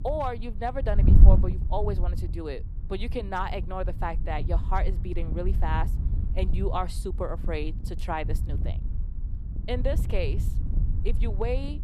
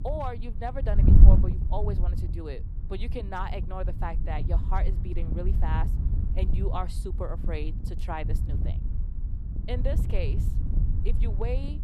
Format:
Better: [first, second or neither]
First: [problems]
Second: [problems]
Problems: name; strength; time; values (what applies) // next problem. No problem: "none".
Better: first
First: wind noise on the microphone; occasional gusts; 10 dB below the speech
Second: wind noise on the microphone; heavy; 6 dB below the speech